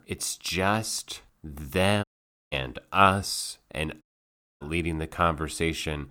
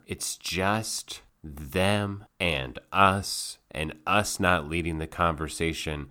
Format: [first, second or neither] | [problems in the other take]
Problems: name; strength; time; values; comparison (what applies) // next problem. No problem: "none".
second | audio cutting out; at 2 s and at 4 s for 0.5 s